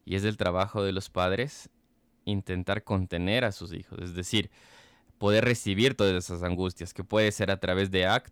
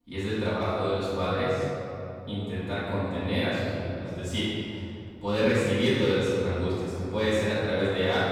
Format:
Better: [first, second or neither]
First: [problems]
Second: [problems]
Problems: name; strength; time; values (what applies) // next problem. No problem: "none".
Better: first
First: none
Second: off-mic speech; far // room echo; strong; dies away in 2.6 s